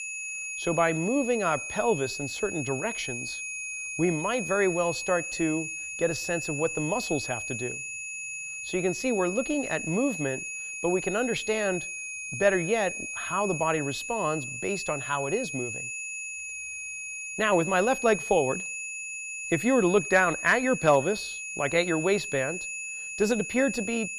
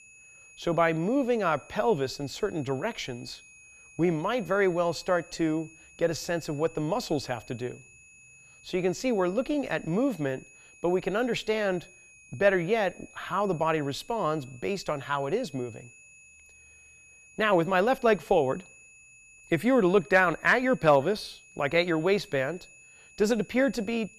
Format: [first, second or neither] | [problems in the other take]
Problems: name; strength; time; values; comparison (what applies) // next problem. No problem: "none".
second | high-pitched whine; loud; throughout; 2.5 kHz, 6 dB below the speech; faint in the second